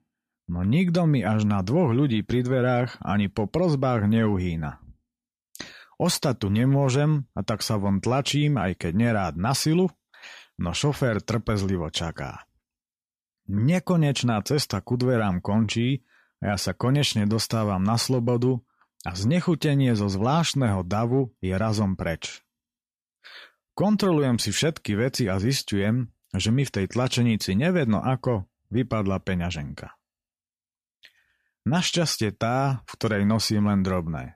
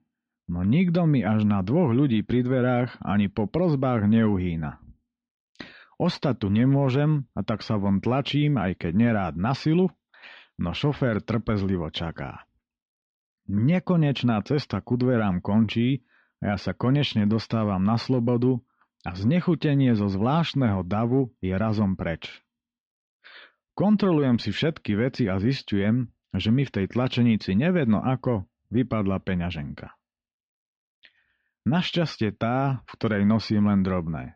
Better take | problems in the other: first | muffled; slightly; fading above 4 kHz

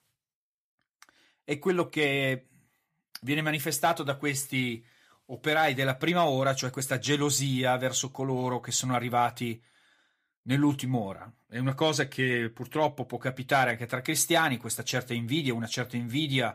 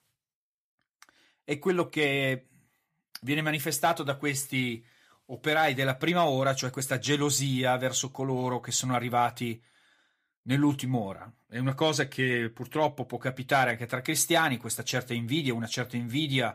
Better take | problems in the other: neither | none

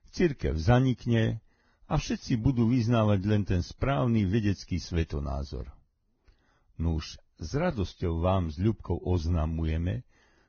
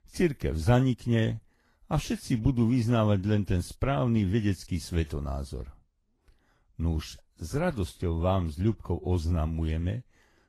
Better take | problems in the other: second | garbled, watery; badly; nothing above 6.5 kHz; slightly in the second

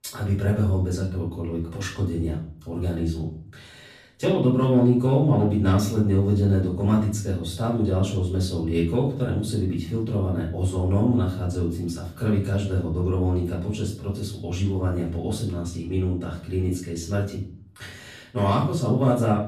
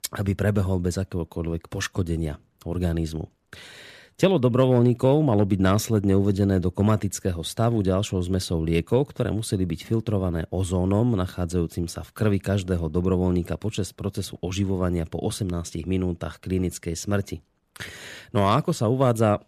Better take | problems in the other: second | off-mic speech; far // room echo; noticeable; dies away in 0.5 s

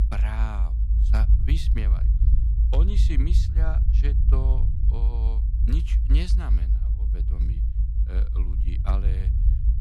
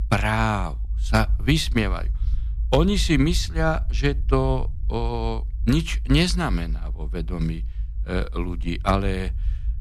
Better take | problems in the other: second | low rumble; loud; throughout; 4 dB below the speech; faint in the second

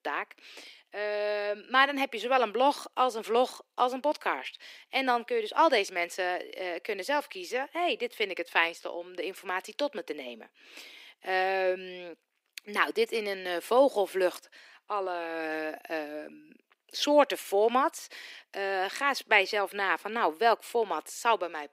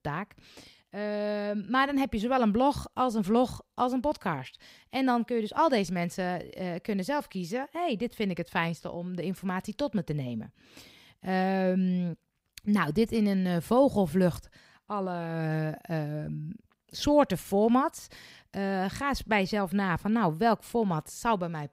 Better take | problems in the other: second | thin; somewhat; fading below 300 Hz

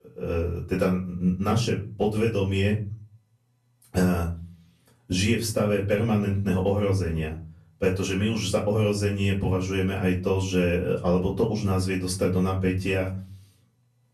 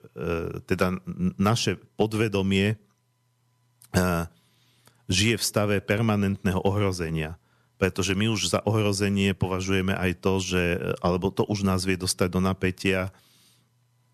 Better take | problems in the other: second | off-mic speech; far // room echo; slight; dies away in 0.4 s

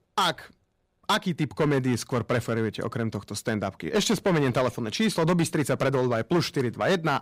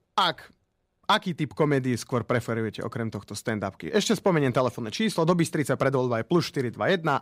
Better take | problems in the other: second | distortion; slight; 8% of the sound clipped

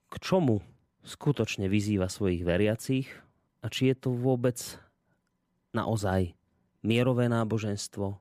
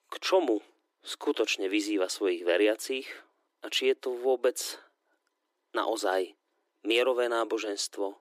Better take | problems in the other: first | thin; very; fading below 300 Hz

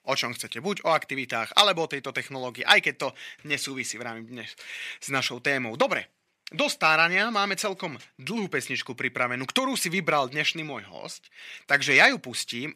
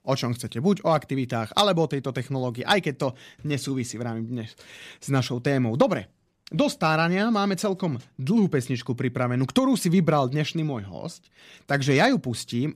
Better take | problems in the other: second | thin; somewhat; fading below 1 kHz

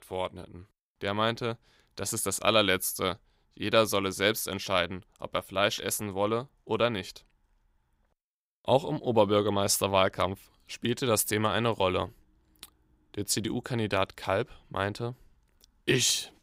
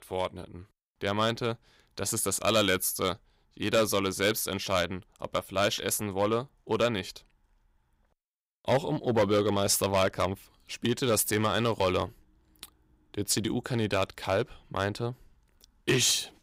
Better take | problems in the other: first | distortion; slight; 3% of the sound clipped

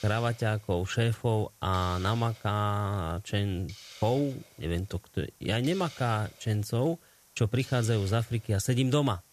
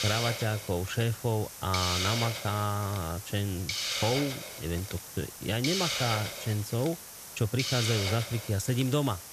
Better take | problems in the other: first | hiss; loud; throughout; 3 dB below the speech; faint in the first

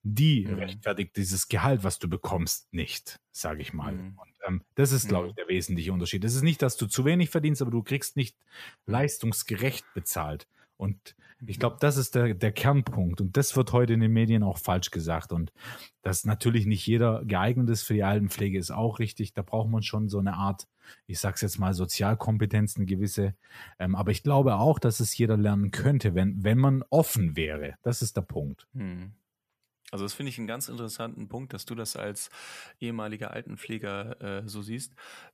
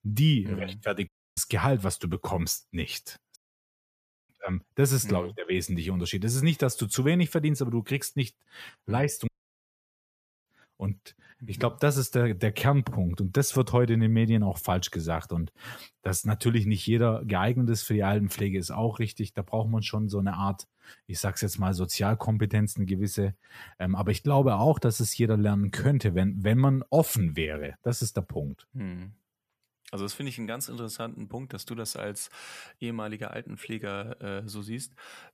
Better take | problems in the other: first | audio cutting out; at 1 s, at 3.5 s for 1 s and at 9.5 s for 1 s

